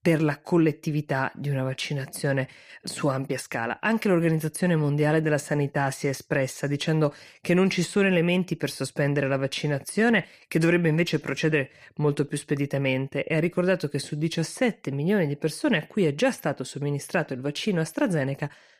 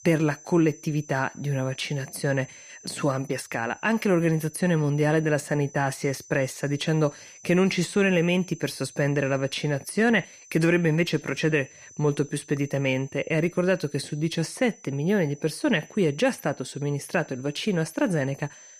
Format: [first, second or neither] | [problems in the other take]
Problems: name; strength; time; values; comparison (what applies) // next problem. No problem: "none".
first | high-pitched whine; faint; throughout; 6 kHz, 20 dB below the speech